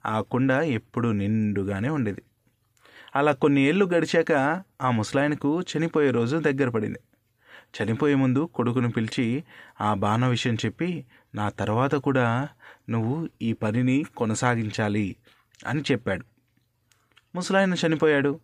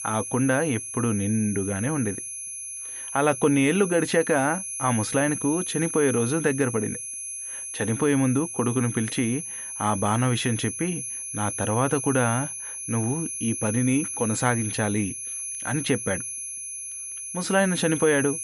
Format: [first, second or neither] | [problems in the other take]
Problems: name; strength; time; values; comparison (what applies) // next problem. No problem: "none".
first | high-pitched whine; loud; throughout; 10.5 kHz, 6 dB below the speech